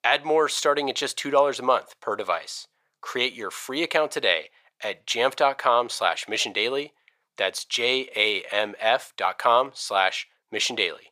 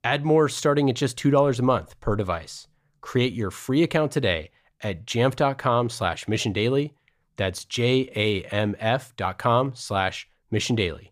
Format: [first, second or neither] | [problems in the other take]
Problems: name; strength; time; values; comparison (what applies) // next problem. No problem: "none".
second | thin; very; fading below 650 Hz